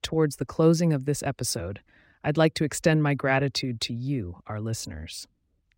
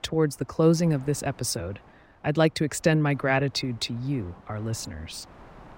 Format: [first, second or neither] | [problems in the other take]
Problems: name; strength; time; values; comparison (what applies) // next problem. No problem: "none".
first | wind noise on the microphone; occasional gusts; 25 dB below the speech